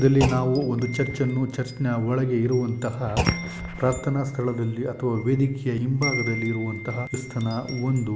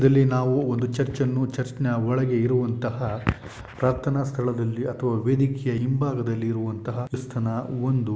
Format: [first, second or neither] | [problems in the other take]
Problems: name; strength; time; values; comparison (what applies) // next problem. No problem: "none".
second | background sound (Wind chime + Thump, thud); 10 dB below the speech